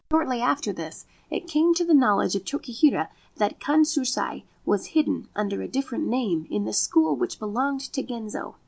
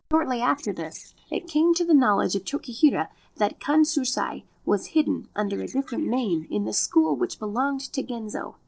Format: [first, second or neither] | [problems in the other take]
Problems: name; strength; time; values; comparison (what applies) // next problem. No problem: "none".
first | noise reduction (neural separator model SepFormer DNS4)